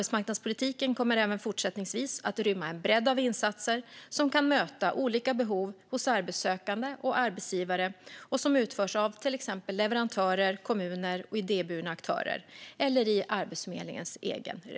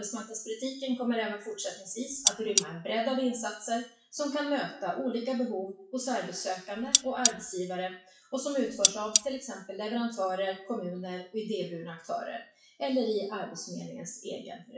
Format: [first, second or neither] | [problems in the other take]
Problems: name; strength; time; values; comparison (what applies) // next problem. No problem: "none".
first | noise reduction (classical method WPE with log-MMSE)